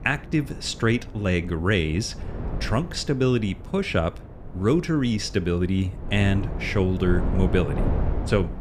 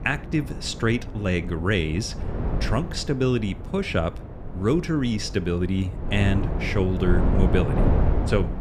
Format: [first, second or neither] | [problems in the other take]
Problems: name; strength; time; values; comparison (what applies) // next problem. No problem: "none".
first | wind noise on the microphone; heavy; 8 dB below the speech; occasional gusts in the first